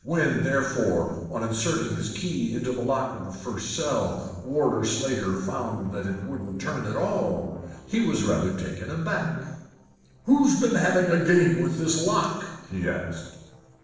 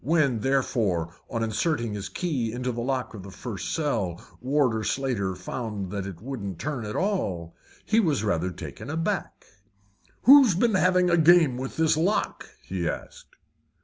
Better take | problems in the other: second | noise reduction (neural separator model SepFormer DNS4)

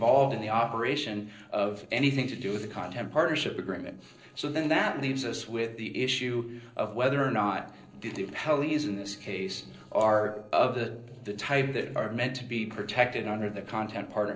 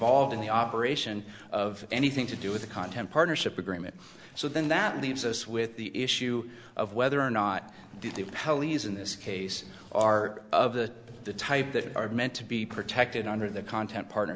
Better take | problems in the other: second | noise reduction (neural separator model SepFormer DNS4)

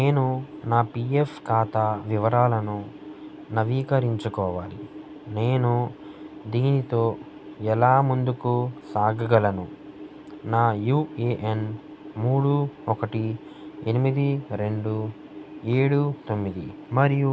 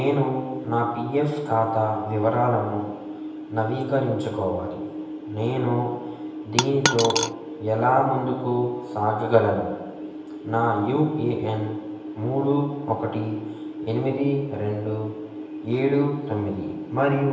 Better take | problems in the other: first | background sound (Coin (dropping)); as loud as the speech // room echo; dies away in 1 s

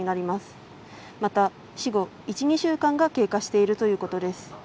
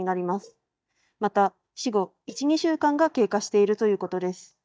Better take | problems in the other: first | noise reduction (neural mask model DeepFilterNet 3)

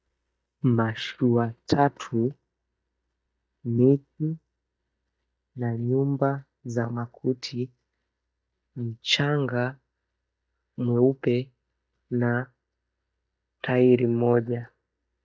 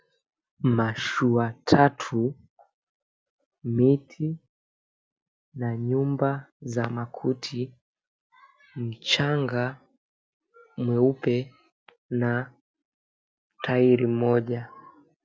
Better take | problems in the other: second | noise reduction (neural mask model DeepFilterNet 3)

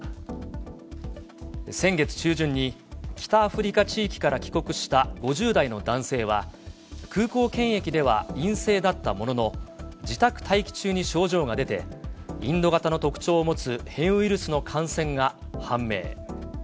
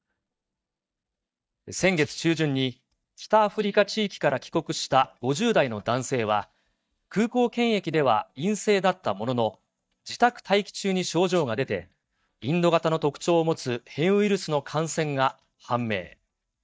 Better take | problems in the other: first | noise reduction (neural mask model DeepFilterNet 3)

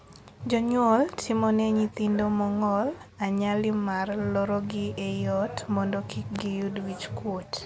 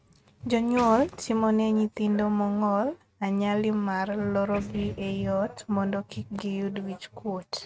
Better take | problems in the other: first | noise reduction (neural mask model RNNoise)

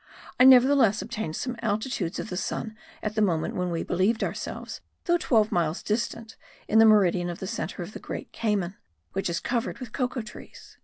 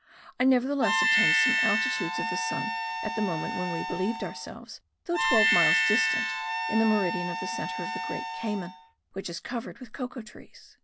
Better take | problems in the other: first | background sound (Harmonica); 3 dB above the speech

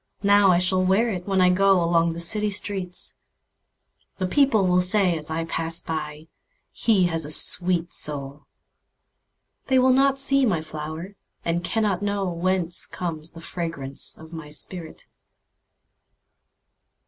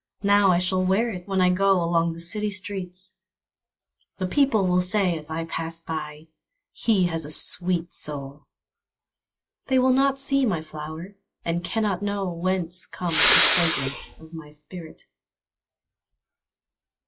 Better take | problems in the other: first | noise reduction (classical method log-MMSE)

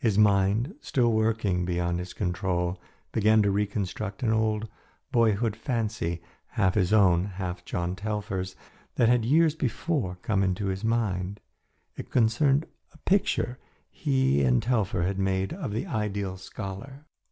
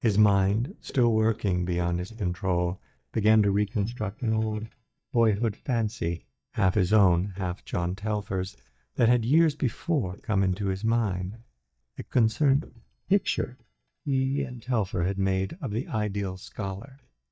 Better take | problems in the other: first | noise reduction (neural mask model DeepFilterNet 3)

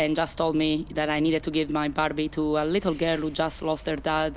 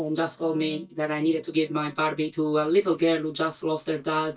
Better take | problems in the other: first | noise reduction (neural mask model DeepFilterNet 3)

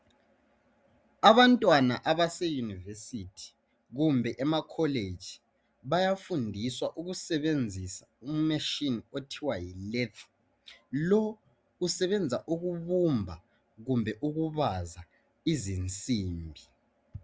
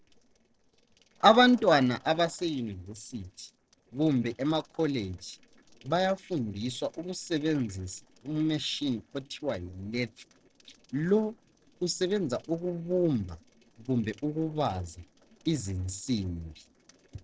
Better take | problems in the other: first | noise reduction (neural separator model SepFormer DNS4)

